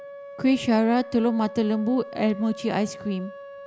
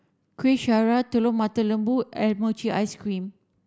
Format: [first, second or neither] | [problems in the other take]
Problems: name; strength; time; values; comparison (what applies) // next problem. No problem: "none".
second | background sound (Wind instrument, woodwind instrument); 15 dB below the speech